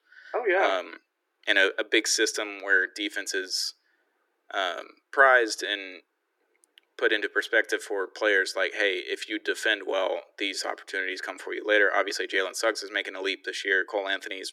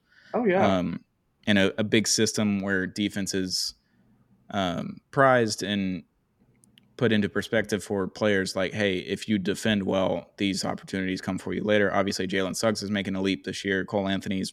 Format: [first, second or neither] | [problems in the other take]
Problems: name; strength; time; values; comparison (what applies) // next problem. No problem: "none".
second | thin; very; fading below 300 Hz